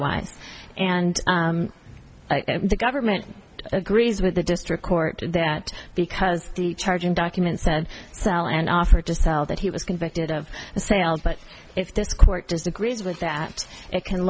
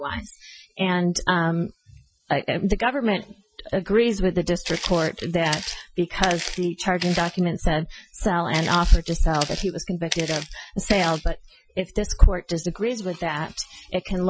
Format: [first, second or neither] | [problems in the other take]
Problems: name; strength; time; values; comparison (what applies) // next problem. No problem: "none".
first | noise reduction (classical method Wiener filter)